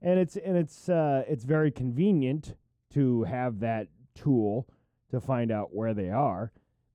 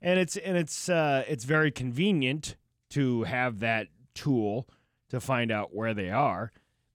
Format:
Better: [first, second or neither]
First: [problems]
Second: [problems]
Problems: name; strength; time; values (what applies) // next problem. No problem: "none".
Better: second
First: muffled; very; fading above 1 kHz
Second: none